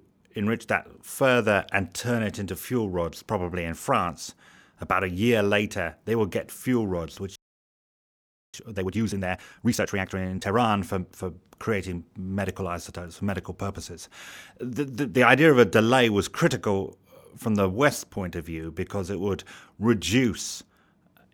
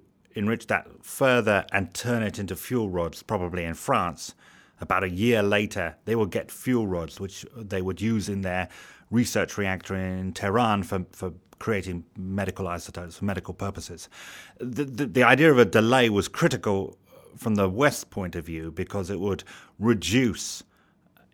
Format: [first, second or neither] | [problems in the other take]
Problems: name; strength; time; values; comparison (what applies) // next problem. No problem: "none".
second | audio freezing; at 7.5 s for 1 s